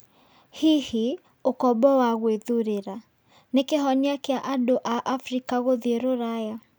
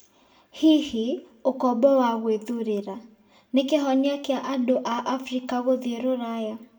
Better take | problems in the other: first | room echo; dies away in 0.4 s

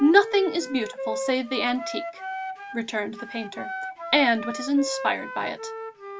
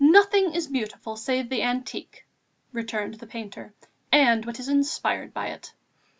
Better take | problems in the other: second | background sound (Wind instrument, woodwind instrument); 9 dB below the speech

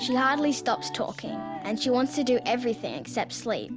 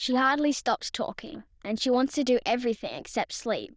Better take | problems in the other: first | noise reduction (neural diffusion model UNIVERSE++)

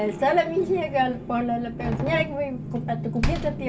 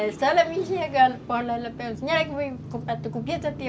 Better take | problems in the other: second | background sound (Slam); 8 dB below the speech // room echo; dies away in 0.2 s

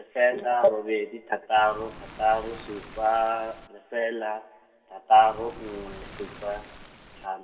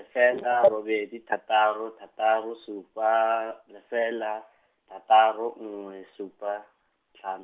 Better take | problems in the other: second | background sound (Waves, surf); 18 dB below the speech // room echo; dies away in 1.7 s

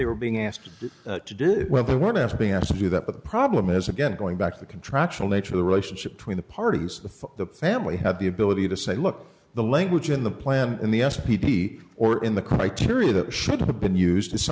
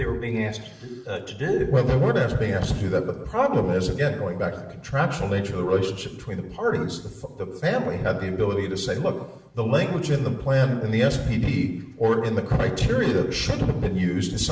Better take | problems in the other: first | room echo; dies away in 0.8 s

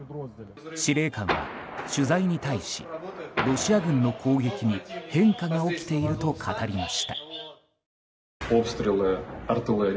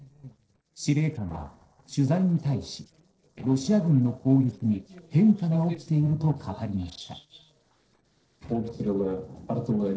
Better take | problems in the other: first | noise reduction (neural separator model SepFormer DNS4)

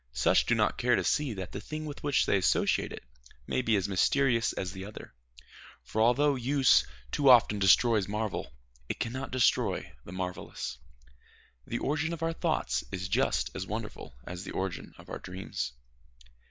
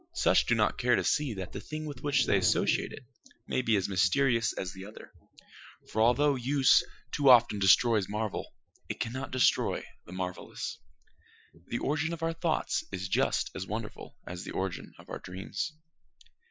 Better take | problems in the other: first | noise reduction (classical method Wiener filter)

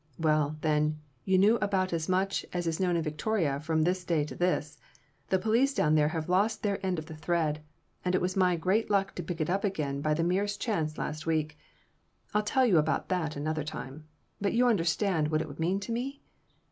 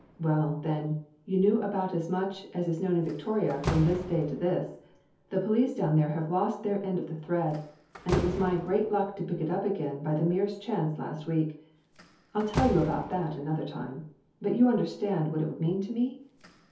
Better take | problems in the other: first | background sound (Slam); 12 dB below the speech // room echo; dies away in 0.5 s

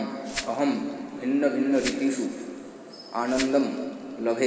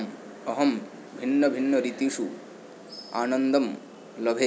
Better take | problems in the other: second | background sound (Glass); 14 dB below the speech // room echo; dies away in 2.3 s

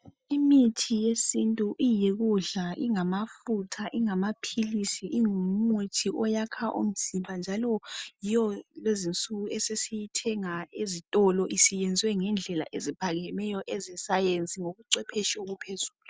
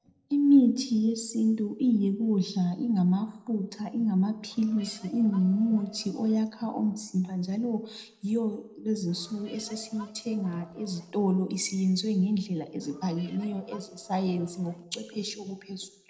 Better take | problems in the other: first | noise reduction (neural separator model SepFormer DNS4)

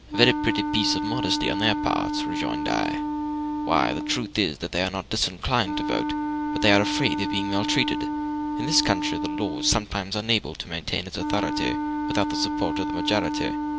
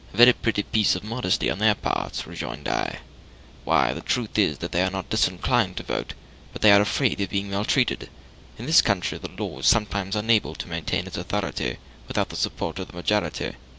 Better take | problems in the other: second | background sound (Wind instrument, woodwind instrument); 2 dB below the speech

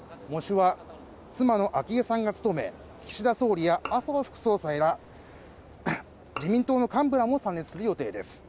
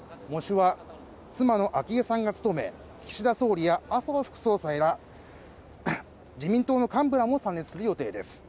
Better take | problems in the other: second | background sound (Bowed string instrument); 18 dB below the speech

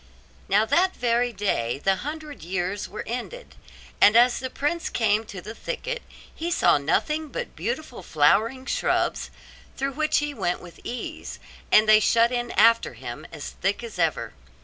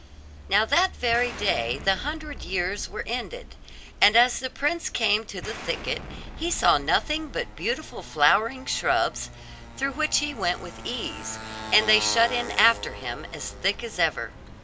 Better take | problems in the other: first | background sound (Motorcycle + Explosion); 13 dB below the speech

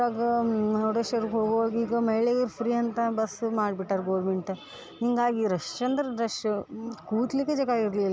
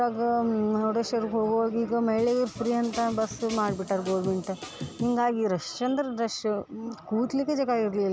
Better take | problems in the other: first | background sound (Drum kit); 13 dB below the speech

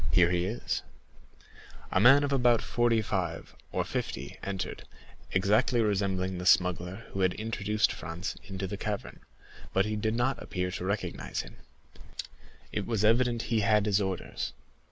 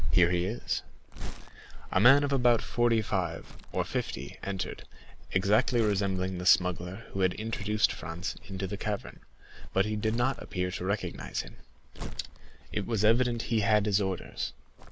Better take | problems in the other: first | background sound (Crumpling, crinkling); 14 dB below the speech

